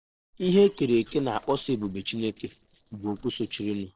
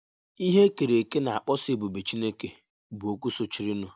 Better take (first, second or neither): second